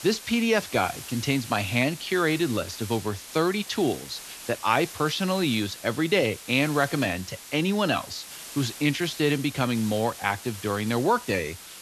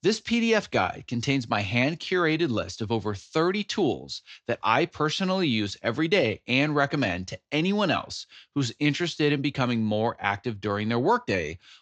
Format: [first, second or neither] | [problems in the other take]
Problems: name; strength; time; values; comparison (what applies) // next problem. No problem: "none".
second | hiss; noticeable; throughout; 15 dB below the speech